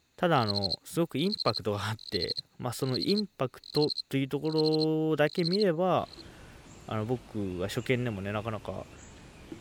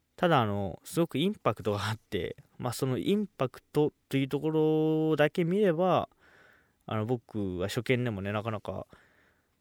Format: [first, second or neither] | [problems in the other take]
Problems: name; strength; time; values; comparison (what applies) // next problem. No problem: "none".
second | animal sounds; loud; throughout; 4 dB below the speech